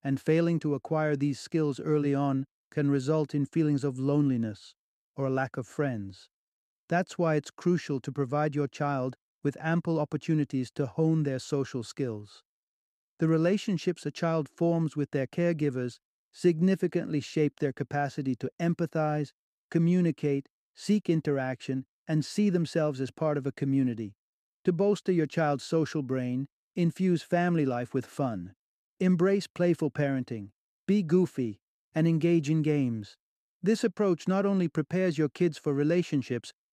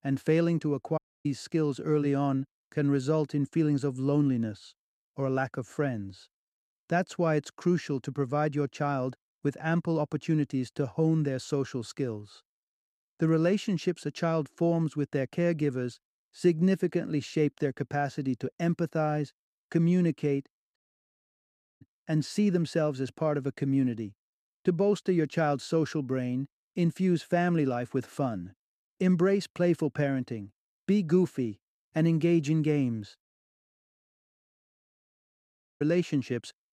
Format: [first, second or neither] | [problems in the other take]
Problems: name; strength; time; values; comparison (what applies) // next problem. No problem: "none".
first | audio cutting out; at 1 s, at 21 s for 1 s and at 33 s for 2.5 s